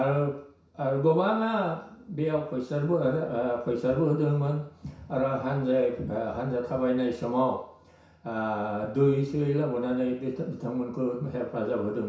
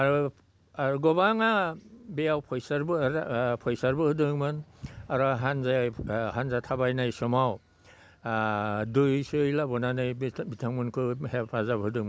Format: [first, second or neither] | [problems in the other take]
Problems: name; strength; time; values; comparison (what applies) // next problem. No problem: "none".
second | room echo; dies away in 0.6 s